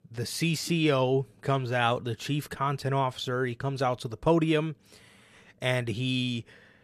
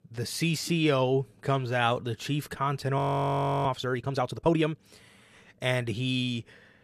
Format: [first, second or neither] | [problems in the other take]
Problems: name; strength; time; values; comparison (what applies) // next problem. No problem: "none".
first | audio freezing; at 3 s for 0.5 s